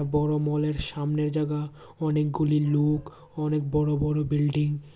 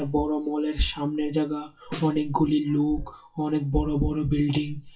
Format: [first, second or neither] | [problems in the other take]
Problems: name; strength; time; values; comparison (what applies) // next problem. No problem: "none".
first | noise reduction (classical method WPE with log-MMSE)